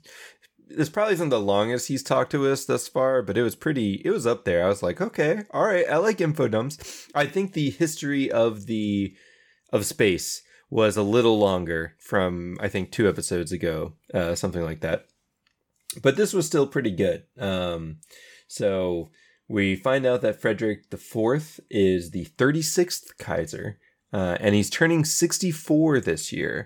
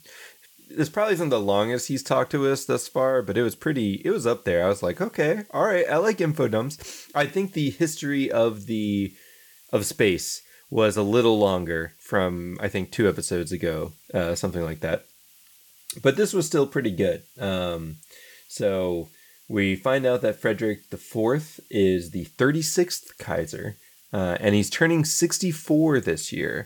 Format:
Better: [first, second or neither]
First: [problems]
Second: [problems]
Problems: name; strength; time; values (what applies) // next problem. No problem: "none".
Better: first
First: none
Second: hiss; faint; throughout; 25 dB below the speech